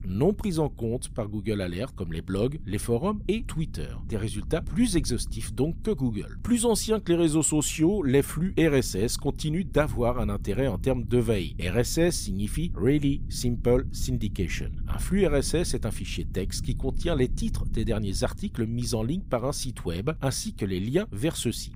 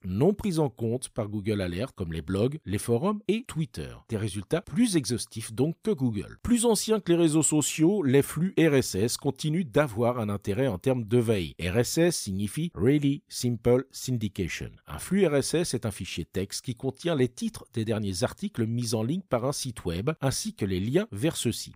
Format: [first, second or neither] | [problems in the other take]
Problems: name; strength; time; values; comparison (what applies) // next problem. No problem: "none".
second | low rumble; faint; throughout; 20 dB below the speech